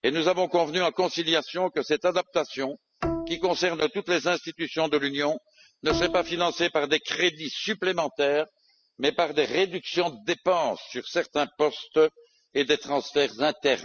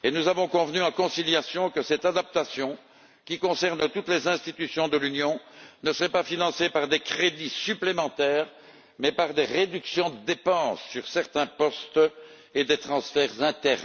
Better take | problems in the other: second | noise reduction (classical method spectral subtraction)

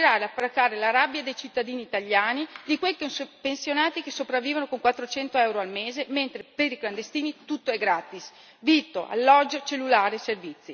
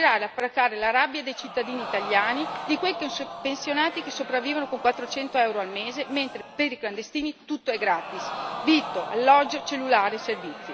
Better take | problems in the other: first | background sound (Crowd); 11 dB below the speech

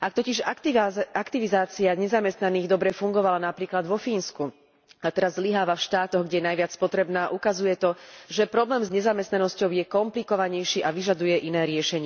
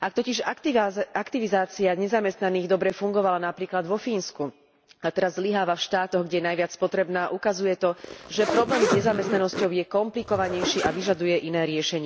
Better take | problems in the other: first | background sound (Zipper (clothing)); 5 dB below the speech

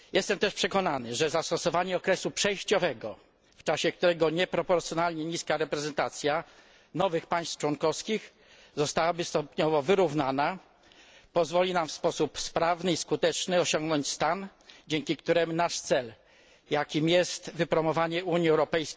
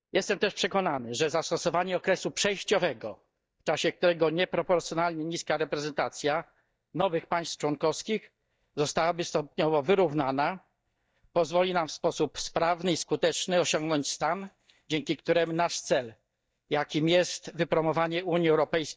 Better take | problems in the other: first | noise reduction (neural mask model DeepFilterNet 3)

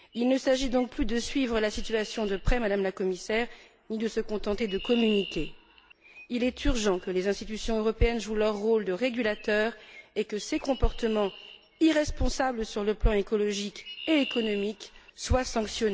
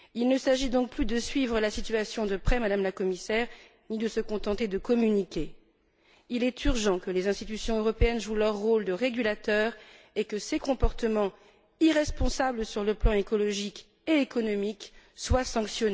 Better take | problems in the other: second | background sound (Chirp, tweet); 19 dB below the speech

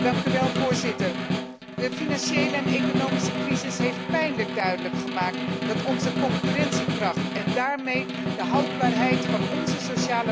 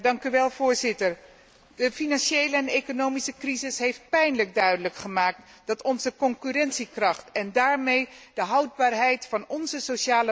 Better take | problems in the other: second | background sound (Snare drum); 3 dB above the speech

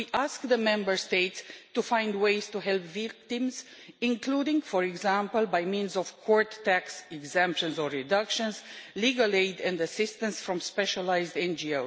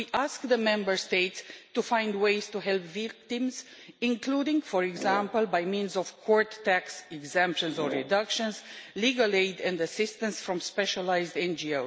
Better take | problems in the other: first | background sound (Brass instrument); 12 dB below the speech

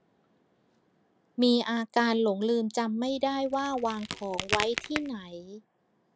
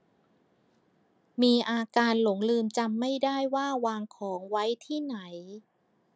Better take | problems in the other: second | background sound (Crack); 8 dB below the speech

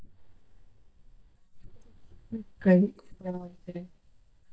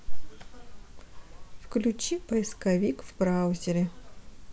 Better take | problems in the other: second | noise reduction (neural mask model DeepFilterNet 3)

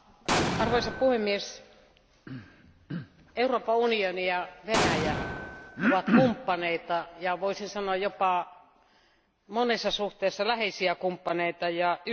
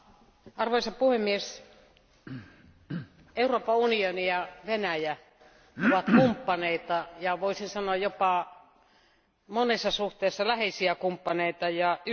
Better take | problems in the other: second | background sound (Explosion); 2 dB below the speech

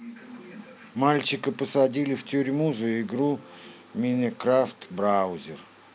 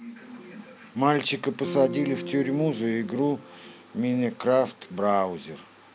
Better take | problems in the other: first | background sound (Electric guitar / Strum); 9 dB below the speech

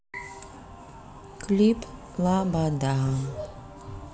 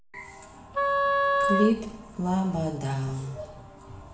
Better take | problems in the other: first | background sound (Wind instrument, woodwind instrument); 3 dB above the speech // room echo; dies away in 0.7 s

